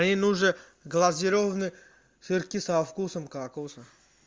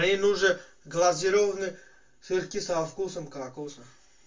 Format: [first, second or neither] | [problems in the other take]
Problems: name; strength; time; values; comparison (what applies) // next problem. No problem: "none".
first | room echo; dies away in 0.2 s